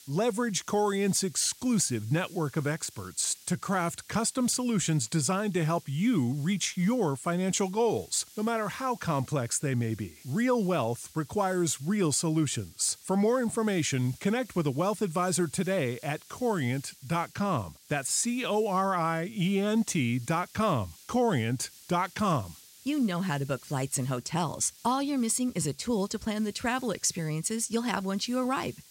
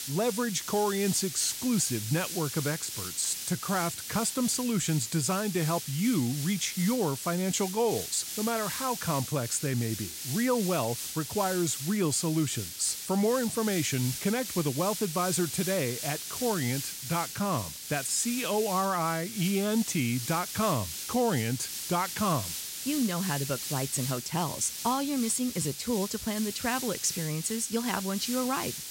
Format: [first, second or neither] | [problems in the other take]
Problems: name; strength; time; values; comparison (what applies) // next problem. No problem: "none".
first | hiss; loud; throughout; 5 dB below the speech; faint in the first